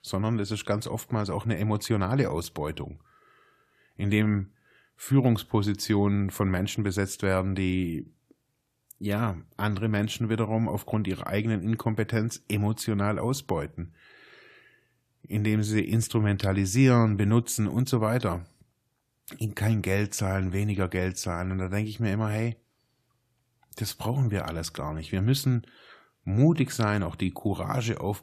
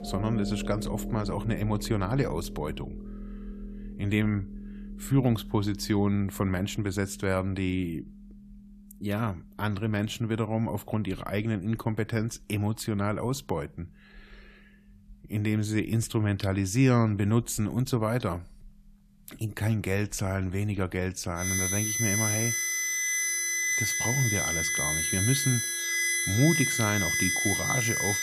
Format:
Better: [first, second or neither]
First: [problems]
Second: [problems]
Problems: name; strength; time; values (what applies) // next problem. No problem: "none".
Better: first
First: none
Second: background music; very loud; throughout; 1 dB above the speech